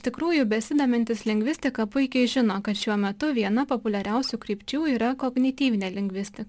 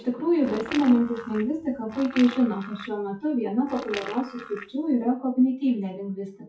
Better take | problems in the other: first | noise reduction (classical method WPE with log-MMSE)

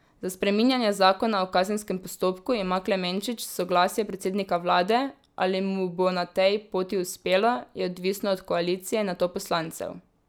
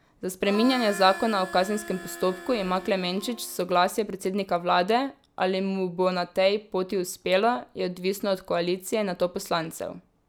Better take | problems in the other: first | background sound (Harmonica); 13 dB below the speech

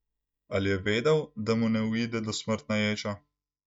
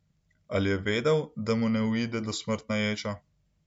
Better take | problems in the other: second | noise reduction (neural mask model DeepFilterNet 3)

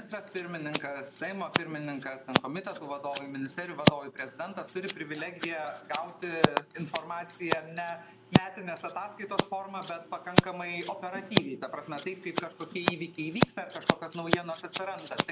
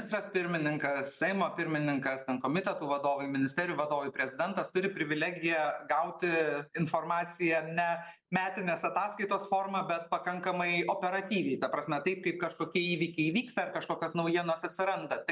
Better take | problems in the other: second | background sound (Scissors); 4 dB above the speech

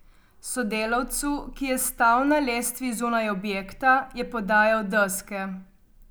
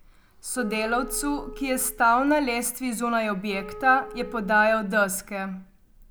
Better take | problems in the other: first | background sound (Wind instrument, woodwind instrument); 18 dB below the speech

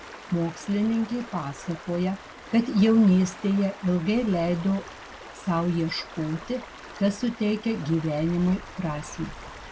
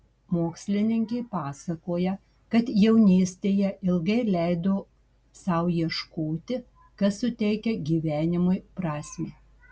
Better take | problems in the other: second | background sound (Stream); 16 dB below the speech

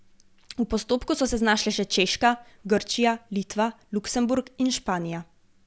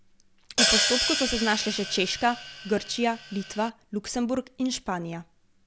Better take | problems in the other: first | background sound (Hi-hat); as loud as the speech

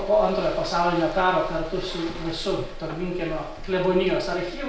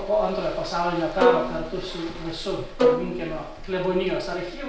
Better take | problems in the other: first | background sound (Bowed string instrument); 2 dB above the speech

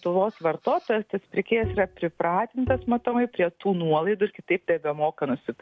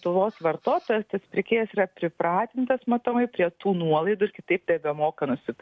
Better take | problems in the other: second | background sound (Bowed string instrument); 11 dB below the speech

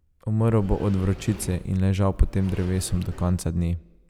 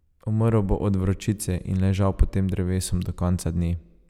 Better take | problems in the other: second | background sound (Sliding door); 19 dB below the speech

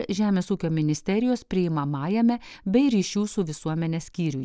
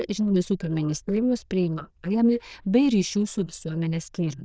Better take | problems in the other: first | noise reduction (neural diffusion model UNIVERSE++)

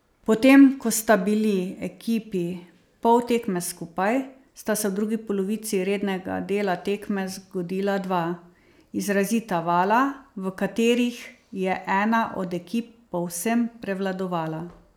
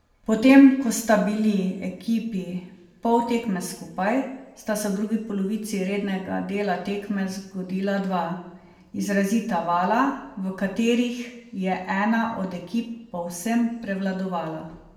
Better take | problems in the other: first | room echo; dies away in 0.7 s

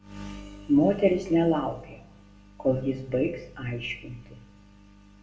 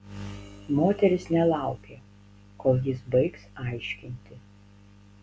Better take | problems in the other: second | room echo; dies away in 0.5 s

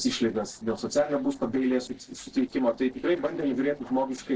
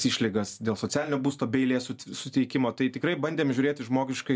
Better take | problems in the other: second | noise reduction (neural separator model SepFormer DNS4)

